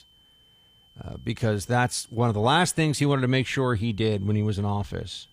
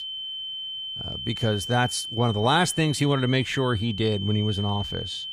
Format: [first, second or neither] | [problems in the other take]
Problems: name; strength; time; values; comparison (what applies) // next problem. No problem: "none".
first | high-pitched whine; loud; throughout; 3 kHz, 7 dB below the speech; faint in the first